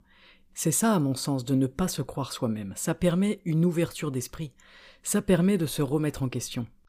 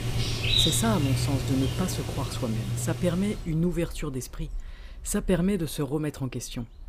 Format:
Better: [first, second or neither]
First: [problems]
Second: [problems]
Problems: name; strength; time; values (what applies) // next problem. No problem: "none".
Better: first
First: none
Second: animal sounds; very loud; throughout; 1 dB above the speech